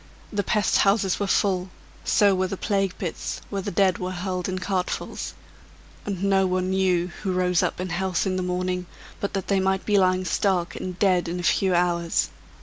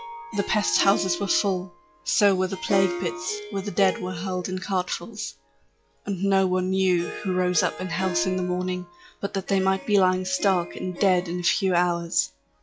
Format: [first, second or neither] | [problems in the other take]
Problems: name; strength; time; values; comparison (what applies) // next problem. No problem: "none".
first | noise reduction (classical method log-MMSE)